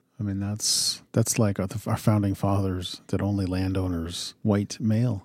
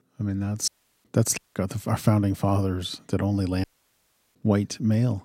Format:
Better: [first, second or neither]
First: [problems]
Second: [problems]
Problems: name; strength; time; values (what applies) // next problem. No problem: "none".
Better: first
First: none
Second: audio cutting out; at 0.5 s, at 1.5 s and at 3.5 s for 0.5 s